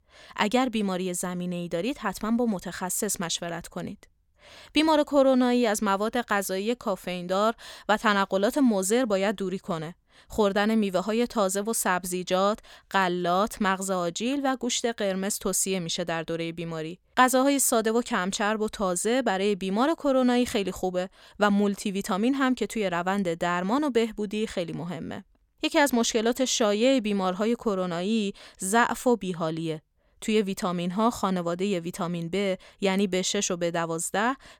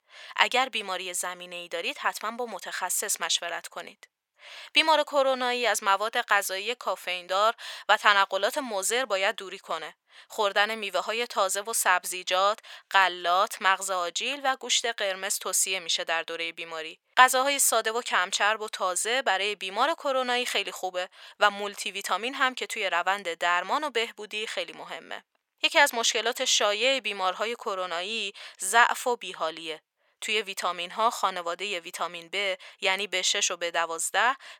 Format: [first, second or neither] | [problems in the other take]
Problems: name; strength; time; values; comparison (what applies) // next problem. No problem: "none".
first | thin; very; fading below 750 Hz